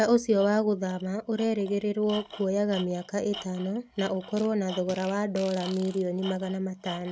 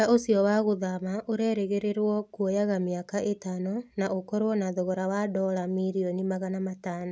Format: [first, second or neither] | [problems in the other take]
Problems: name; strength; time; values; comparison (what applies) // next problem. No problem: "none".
second | background sound (Tools + Fart); 17 dB below the speech